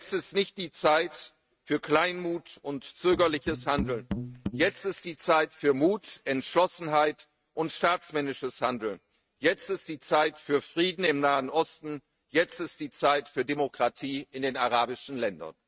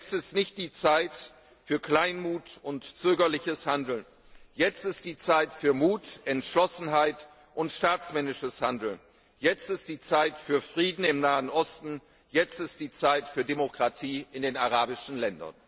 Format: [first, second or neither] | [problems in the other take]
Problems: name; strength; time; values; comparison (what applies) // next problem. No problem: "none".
second | noise reduction (neural mask model RNNoise)